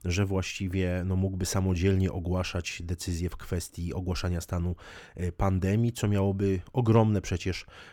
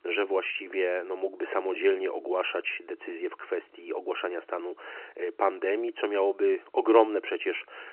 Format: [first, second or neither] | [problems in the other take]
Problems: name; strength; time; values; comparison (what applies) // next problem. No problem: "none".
first | phone-call audio; nothing above 3 kHz